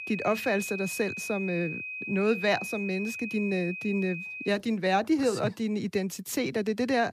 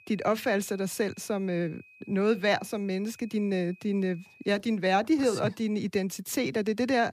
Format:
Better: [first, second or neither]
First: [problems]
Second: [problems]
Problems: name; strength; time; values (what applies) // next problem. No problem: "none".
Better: second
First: high-pitched whine; loud; until 4.5 s; 2.5 kHz, 6 dB below the speech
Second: high-pitched whine; faint; until 4.5 s; 2.5 kHz, 25 dB below the speech